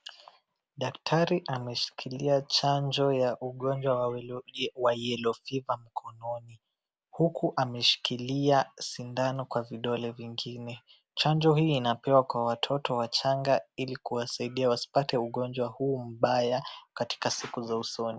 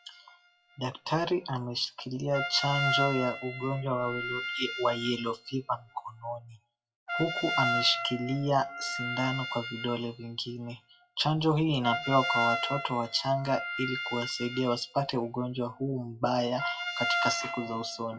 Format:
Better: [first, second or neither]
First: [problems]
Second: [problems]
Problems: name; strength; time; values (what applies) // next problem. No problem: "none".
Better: first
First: none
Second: noise reduction (classical method WPE with log-MMSE)